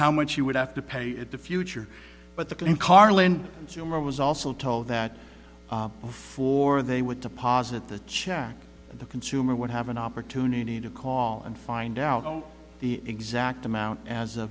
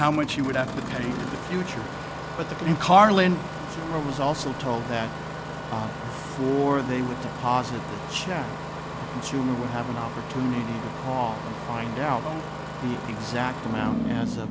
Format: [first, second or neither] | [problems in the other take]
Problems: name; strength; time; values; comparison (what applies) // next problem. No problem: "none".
first | background sound (Engine starting); 6 dB below the speech